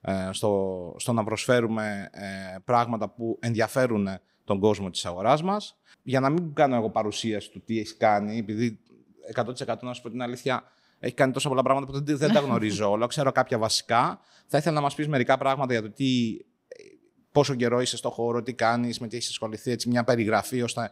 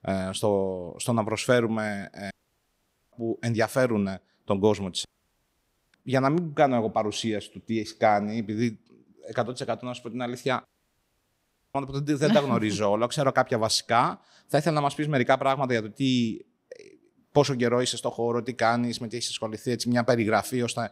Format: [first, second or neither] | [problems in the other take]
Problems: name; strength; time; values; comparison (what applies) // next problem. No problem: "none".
first | audio cutting out; at 2.5 s for 1 s, at 5 s for 1 s and at 11 s for 1 s